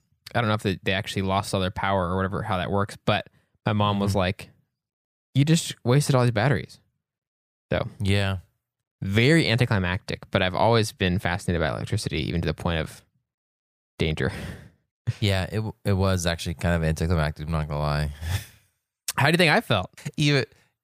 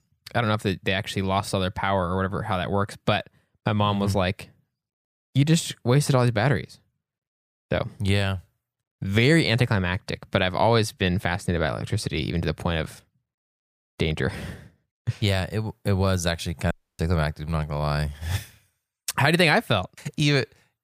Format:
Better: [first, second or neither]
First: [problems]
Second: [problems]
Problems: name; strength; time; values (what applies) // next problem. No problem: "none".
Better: first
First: none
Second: audio cutting out; at 17 s